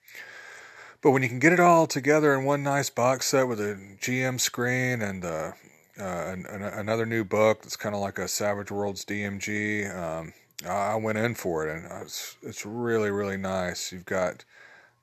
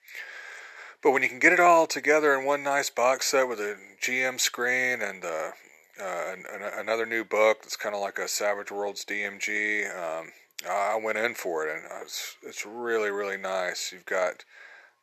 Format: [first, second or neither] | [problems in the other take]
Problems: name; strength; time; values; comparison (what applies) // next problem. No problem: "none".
first | thin; somewhat; fading below 450 Hz